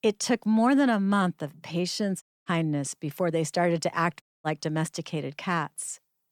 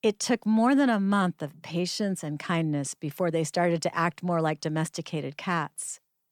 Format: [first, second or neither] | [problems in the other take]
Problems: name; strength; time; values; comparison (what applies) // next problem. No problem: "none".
second | audio cutting out; at 2 s and at 4 s